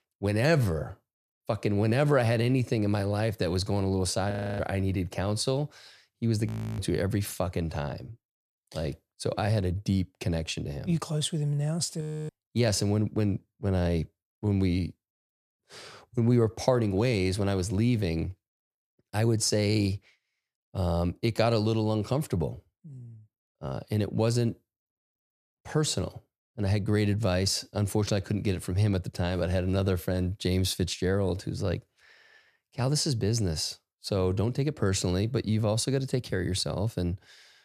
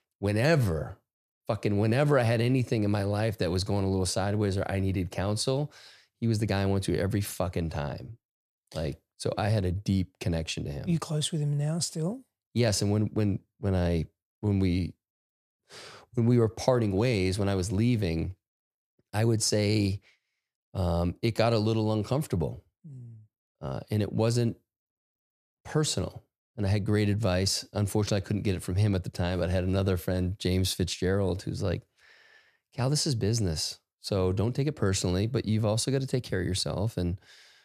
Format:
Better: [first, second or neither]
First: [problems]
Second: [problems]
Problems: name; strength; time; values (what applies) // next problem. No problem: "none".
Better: second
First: audio freezing; at 4.5 s, at 6.5 s and at 12 s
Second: none